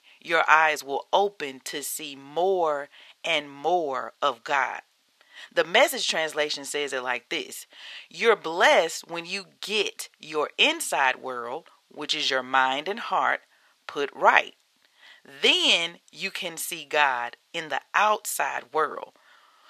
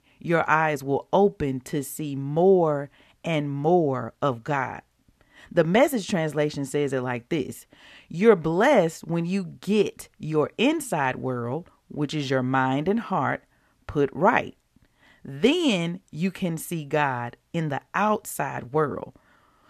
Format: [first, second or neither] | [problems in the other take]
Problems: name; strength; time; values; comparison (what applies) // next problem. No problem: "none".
second | thin; very; fading below 650 Hz